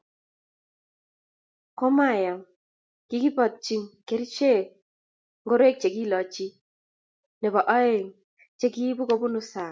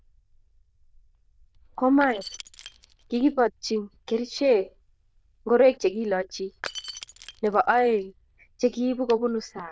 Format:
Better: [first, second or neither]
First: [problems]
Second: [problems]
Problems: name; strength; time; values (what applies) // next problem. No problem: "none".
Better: first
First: none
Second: noise reduction (neural diffusion model UNIVERSE++)